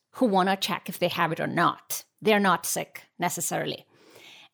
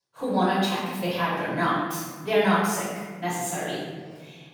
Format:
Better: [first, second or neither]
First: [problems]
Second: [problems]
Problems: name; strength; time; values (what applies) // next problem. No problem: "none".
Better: first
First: none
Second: off-mic speech; far // room echo; strong; dies away in 1.5 s